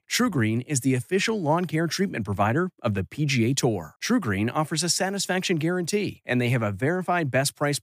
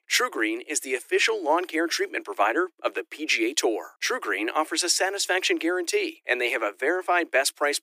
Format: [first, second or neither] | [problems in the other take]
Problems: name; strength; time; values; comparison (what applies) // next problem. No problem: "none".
first | thin; very; fading below 300 Hz